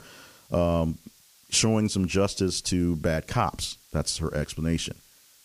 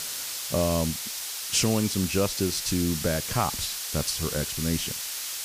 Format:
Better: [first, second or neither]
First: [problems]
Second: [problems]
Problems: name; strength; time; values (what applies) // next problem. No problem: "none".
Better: first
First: hiss; faint; throughout; 30 dB below the speech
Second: hiss; loud; throughout; 3 dB below the speech